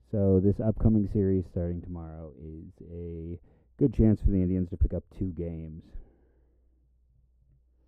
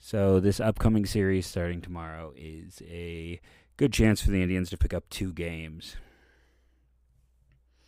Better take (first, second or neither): second